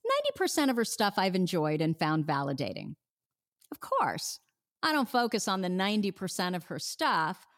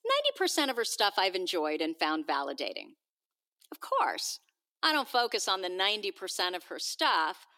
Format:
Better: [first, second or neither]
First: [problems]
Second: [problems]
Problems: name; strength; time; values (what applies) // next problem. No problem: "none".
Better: first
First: none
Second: thin; somewhat; fading below 300 Hz